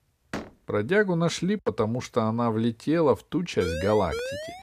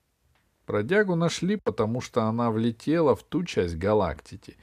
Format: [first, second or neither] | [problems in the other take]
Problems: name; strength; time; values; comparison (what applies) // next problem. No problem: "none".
second | door banging; faint; at 0.5 s; peak 10 dB below the speech // siren; noticeable; from 3.5 s on; peak 7 dB below the speech